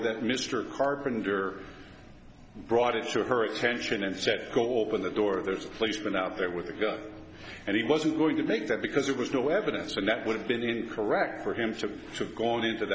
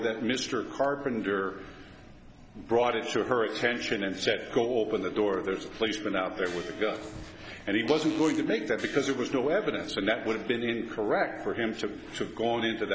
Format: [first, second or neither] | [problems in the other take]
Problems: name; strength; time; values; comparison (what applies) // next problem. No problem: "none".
first | background sound (Gong + Fart); 17 dB below the speech